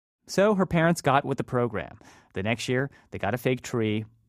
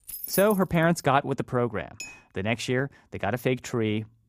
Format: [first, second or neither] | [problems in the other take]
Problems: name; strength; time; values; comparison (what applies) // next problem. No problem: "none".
first | jangling keys; noticeable; at the start; peak 5 dB below the speech // clattering dishes; faint; at 2 s; peak 15 dB below the speech